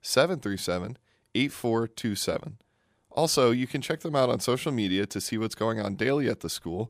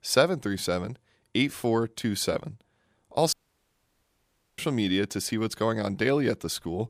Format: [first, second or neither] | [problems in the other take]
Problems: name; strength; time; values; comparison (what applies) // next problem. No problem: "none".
first | audio cutting out; at 3.5 s for 1.5 s